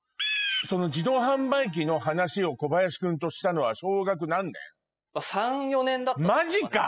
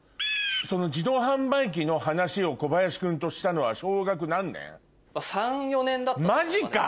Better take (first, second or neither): second